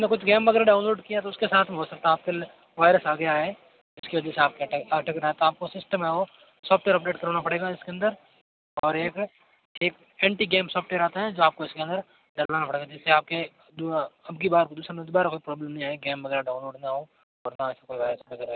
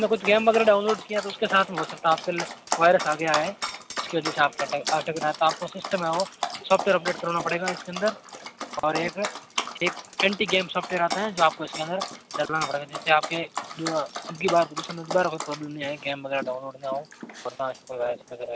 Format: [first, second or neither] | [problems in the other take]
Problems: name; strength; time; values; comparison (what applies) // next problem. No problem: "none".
first | background sound (Dog); 9 dB below the speech